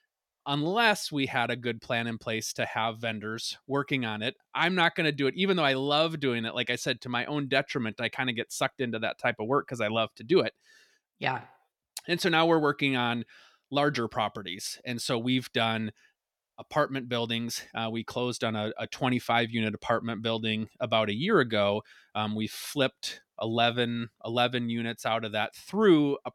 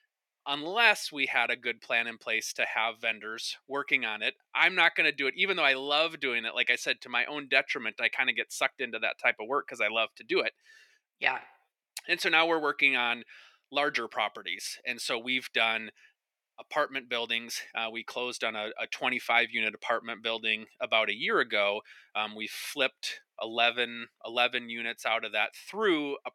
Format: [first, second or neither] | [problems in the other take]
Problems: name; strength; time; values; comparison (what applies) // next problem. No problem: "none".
first | thin; somewhat; fading below 400 Hz